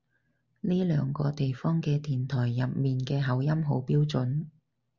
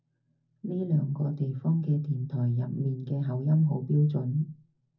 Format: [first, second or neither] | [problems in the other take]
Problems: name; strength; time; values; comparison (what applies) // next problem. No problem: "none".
first | room echo; dies away in 0.4 s